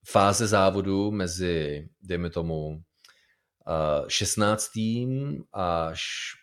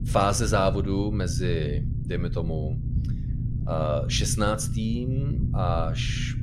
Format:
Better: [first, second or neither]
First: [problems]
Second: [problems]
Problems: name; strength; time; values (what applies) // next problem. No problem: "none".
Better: first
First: none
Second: low rumble; noticeable; throughout; 15 dB below the speech